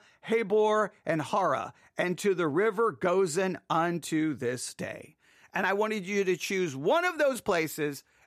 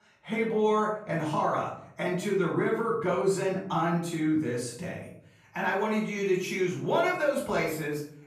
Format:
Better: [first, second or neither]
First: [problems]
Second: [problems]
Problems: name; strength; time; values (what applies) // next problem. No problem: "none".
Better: first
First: none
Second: off-mic speech; far // room echo; noticeable; dies away in 0.6 s